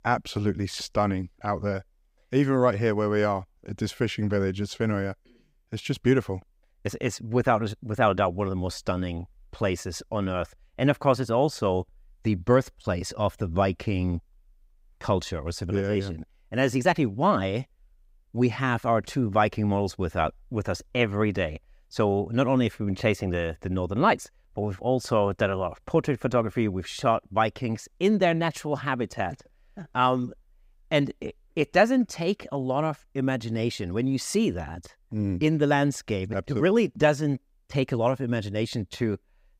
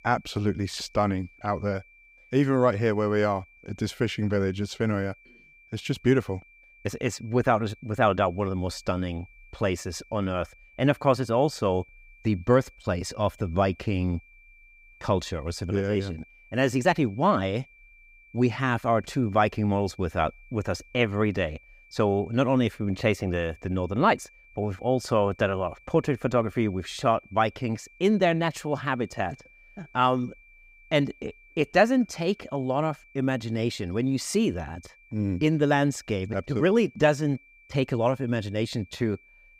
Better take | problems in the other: first | high-pitched whine; faint; throughout; 2.5 kHz, 25 dB below the speech

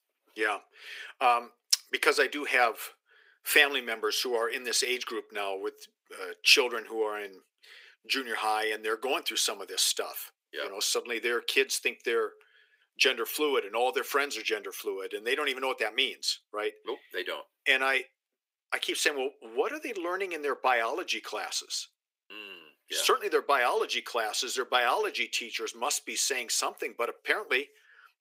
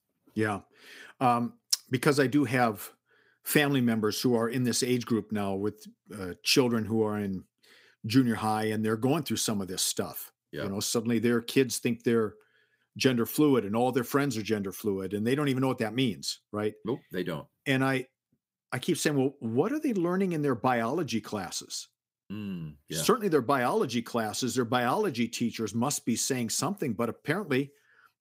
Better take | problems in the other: second | thin; very; fading below 400 Hz

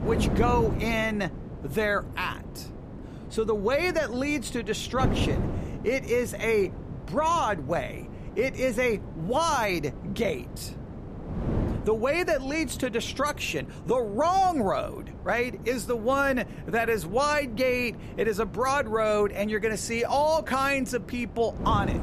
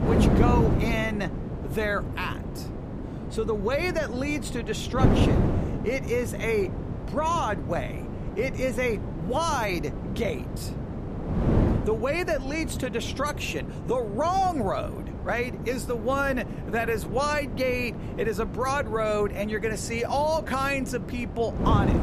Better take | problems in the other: first | wind noise on the microphone; heavy; 8 dB below the speech; occasional gusts in the first

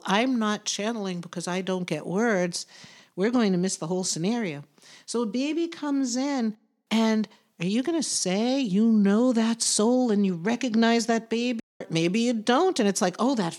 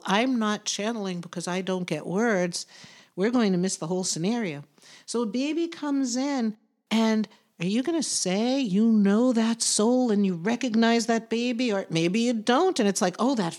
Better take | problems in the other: second | audio cutting out; at 12 s

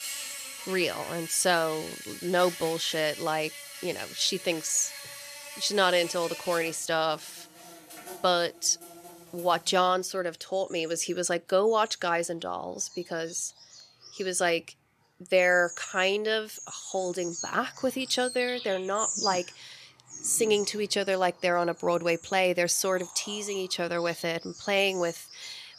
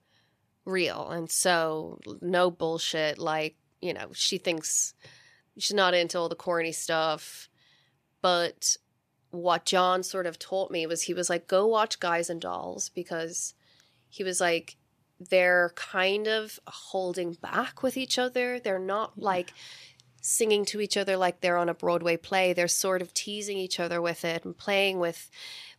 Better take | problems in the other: second | animal sounds; noticeable; throughout; 10 dB below the speech

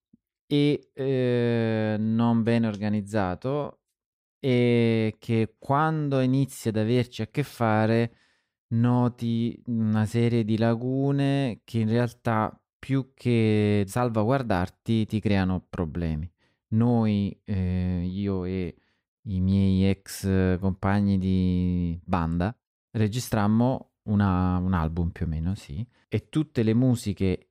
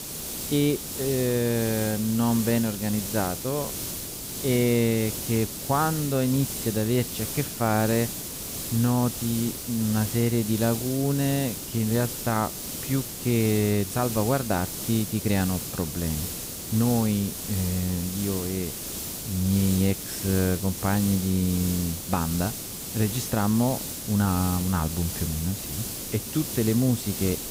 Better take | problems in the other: first | hiss; loud; throughout; 5 dB below the speech

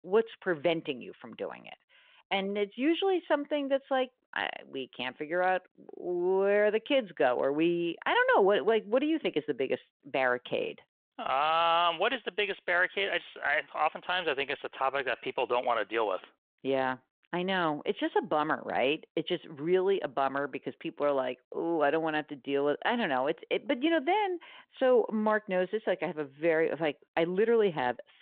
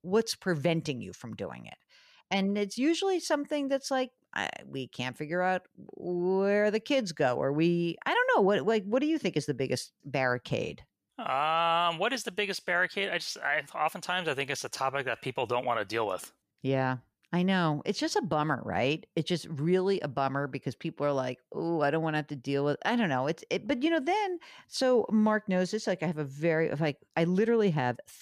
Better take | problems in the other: second | phone-call audio

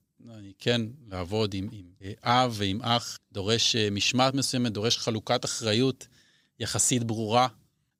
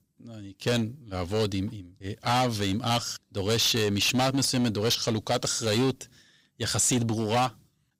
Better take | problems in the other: first | distortion; heavy; 10% of the sound clipped

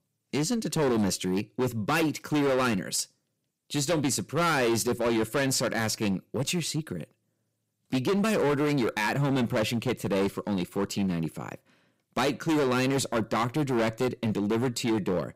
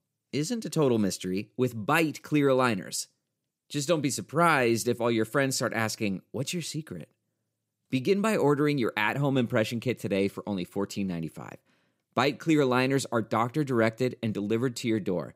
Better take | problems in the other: second | distortion; heavy; 16% of the sound clipped

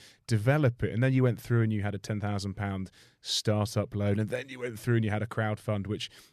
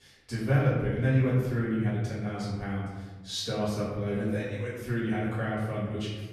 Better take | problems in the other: first | room echo; noticeable; dies away in 1.2 s // off-mic speech; far

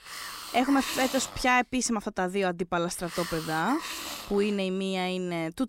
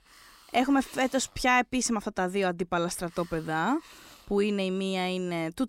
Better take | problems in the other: second | hiss; loud; throughout; 8 dB below the speech; faint in the second

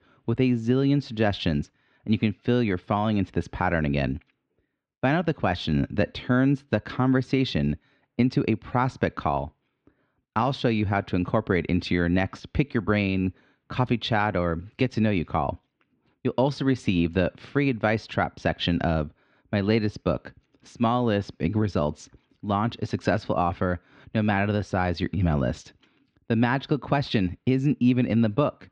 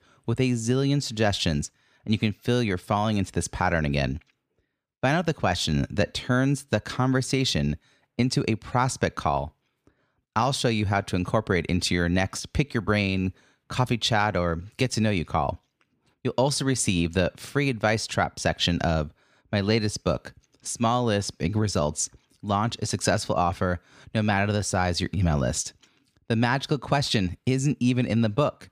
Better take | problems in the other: second | muffled; slightly; fading above 3.5 kHz

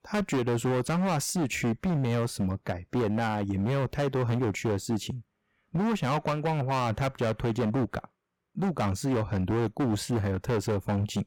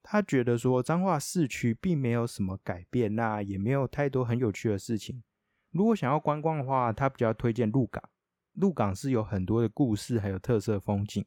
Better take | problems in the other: second | distortion; heavy; 23% of the sound clipped

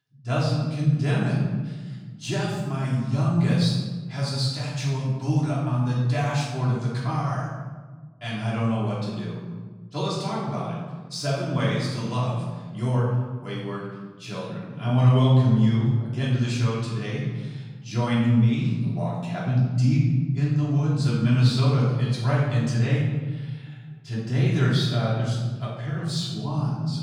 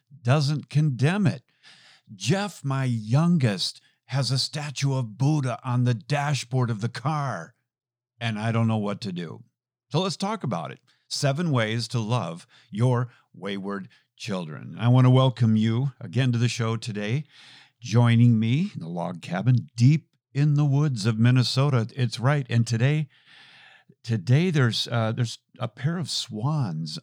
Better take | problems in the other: second | room echo; noticeable; dies away in 1.3 s // off-mic speech; far

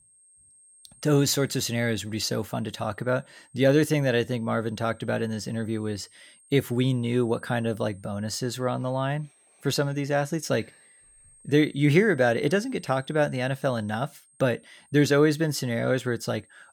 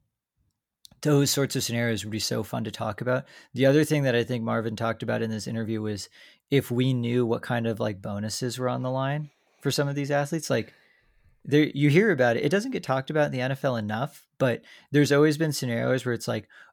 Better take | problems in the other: second | high-pitched whine; faint; throughout; 8.5 kHz, 30 dB below the speech

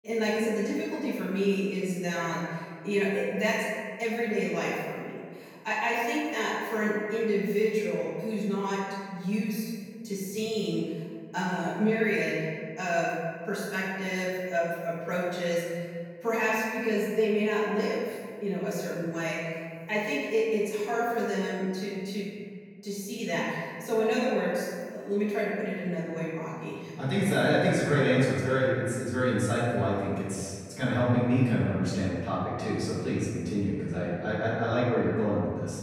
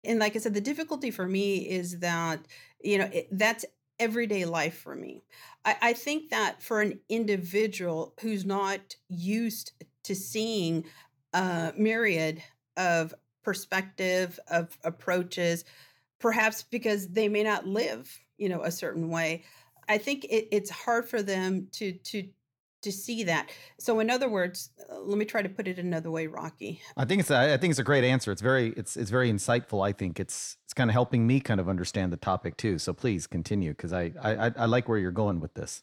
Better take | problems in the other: second | room echo; strong; dies away in 1.7 s // off-mic speech; far

